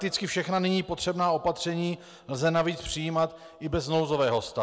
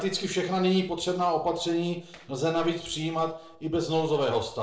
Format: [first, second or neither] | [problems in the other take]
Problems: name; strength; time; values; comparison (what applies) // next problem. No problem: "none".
first | noise reduction (neural separator model SepFormer DNS4)